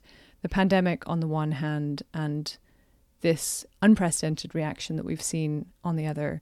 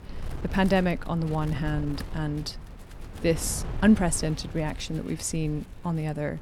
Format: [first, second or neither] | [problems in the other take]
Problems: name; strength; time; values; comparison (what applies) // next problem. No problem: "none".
first | wind noise on the microphone; occasional gusts; 15 dB below the speech